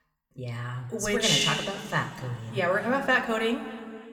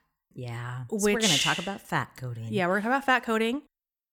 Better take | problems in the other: second | room echo; slight; dies away in 2 s

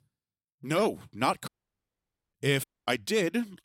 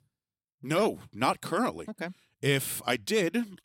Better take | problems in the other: second | audio cutting out; at 1.5 s for 1 s and at 2.5 s

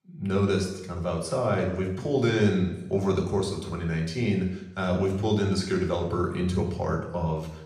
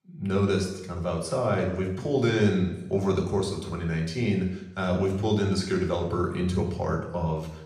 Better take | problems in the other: neither | room echo; noticeable; dies away in 0.8 s; the same in both // off-mic speech; somewhat distant; the same in both

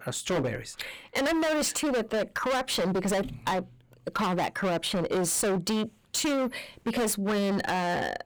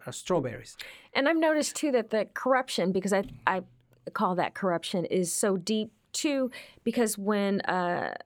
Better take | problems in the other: second | distortion; heavy; 26% of the sound clipped

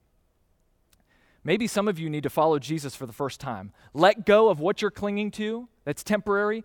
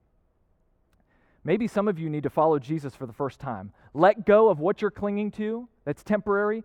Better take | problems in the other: first | muffled; slightly; fading above 2.5 kHz

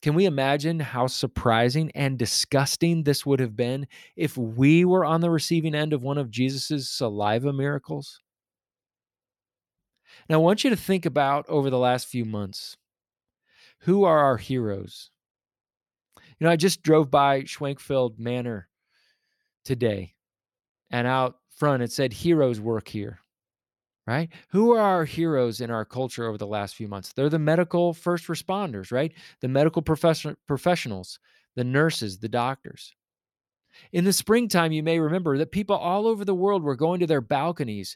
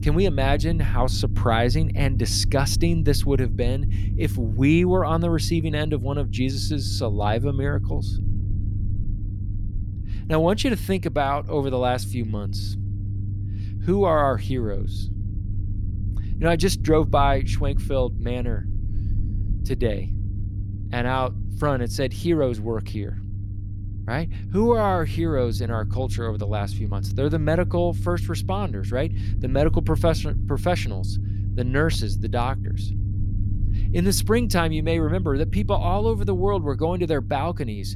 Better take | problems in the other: first | low rumble; noticeable; throughout; 15 dB below the speech

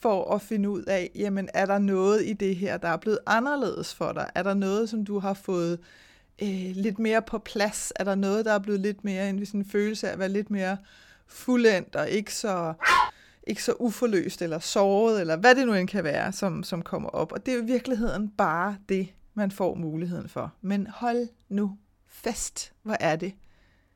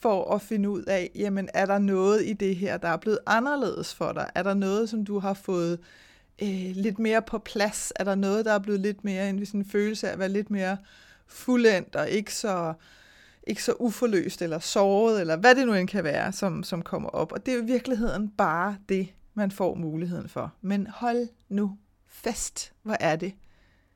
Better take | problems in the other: second | dog barking; loud; at 13 s; peak 6 dB above the speech

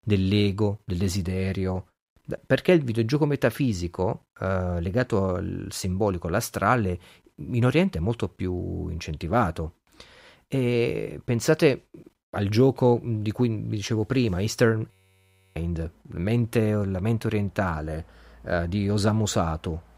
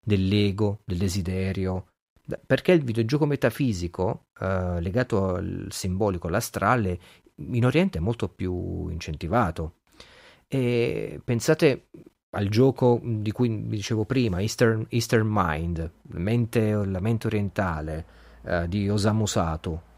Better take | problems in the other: second | audio freezing; at 15 s for 0.5 s

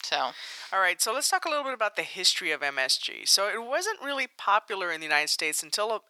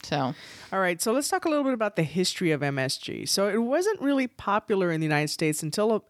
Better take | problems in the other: second | thin; very; fading below 900 Hz

